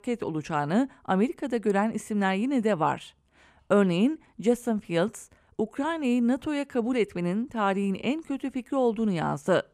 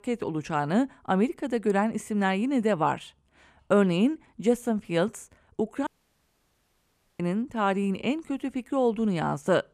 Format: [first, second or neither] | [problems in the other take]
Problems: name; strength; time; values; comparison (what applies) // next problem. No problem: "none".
first | audio cutting out; at 6 s for 1.5 s